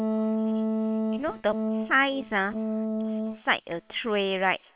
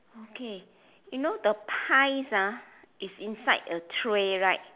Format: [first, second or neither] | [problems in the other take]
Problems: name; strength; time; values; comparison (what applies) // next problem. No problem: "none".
second | noise reduction (neural separator model SepFormer WHAM!)